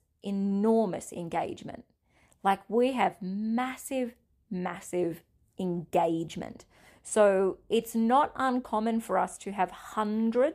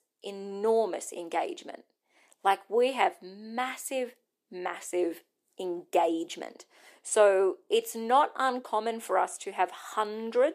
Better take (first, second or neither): first